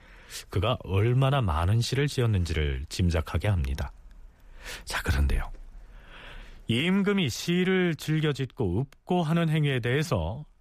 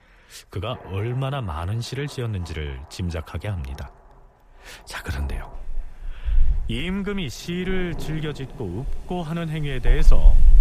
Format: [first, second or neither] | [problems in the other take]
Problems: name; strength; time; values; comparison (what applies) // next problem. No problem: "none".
first | rain or running water; very loud; throughout; 3 dB above the speech